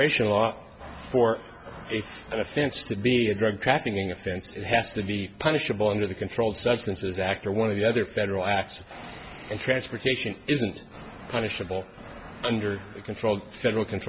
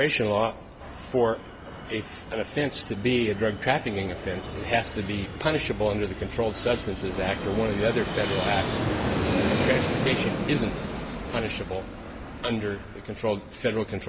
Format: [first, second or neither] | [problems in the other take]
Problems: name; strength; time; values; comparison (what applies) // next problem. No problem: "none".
first | background sound (Fixed-wing aircraft, airplane); 4 dB below the speech